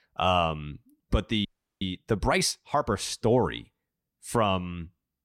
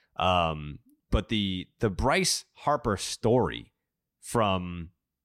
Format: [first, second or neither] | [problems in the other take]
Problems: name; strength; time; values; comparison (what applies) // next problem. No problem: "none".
second | audio freezing; at 1.5 s